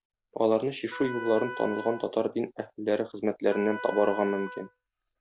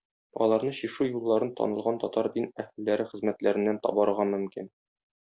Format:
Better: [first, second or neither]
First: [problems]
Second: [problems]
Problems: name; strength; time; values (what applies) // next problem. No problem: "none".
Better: second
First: background sound (Wind instrument, woodwind instrument); 13 dB below the speech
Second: none